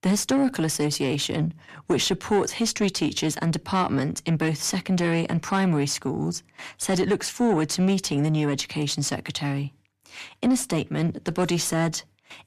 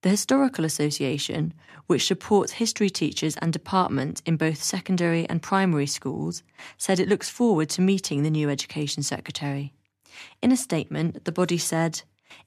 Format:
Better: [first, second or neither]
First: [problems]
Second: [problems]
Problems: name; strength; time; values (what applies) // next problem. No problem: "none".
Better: second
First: distortion; slight; 10 dB below the speech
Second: none